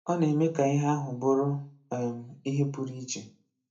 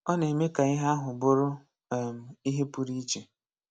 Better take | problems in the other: second | room echo; dies away in 0.3 s

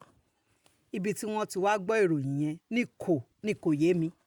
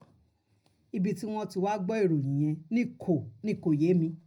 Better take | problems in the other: first | room echo; dies away in 0.4 s

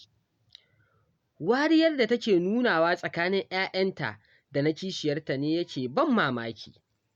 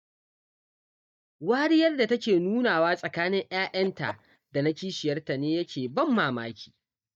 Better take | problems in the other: first | noise reduction (neural mask model DeepFilterNet 3)

